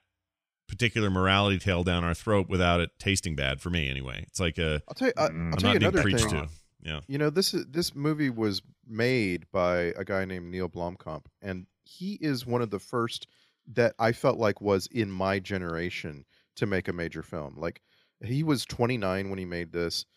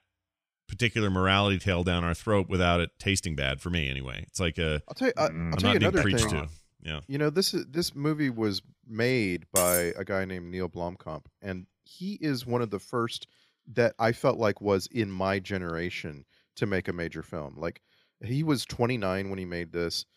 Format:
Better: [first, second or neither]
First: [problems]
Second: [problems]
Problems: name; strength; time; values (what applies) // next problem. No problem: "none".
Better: first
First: none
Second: clattering dishes; loud; at 9.5 s; peak 2 dB above the speech